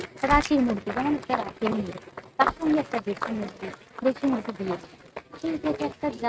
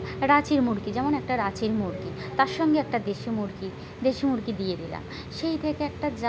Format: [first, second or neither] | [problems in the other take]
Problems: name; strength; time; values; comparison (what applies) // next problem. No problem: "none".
second | noise reduction (neural mask model RNNoise)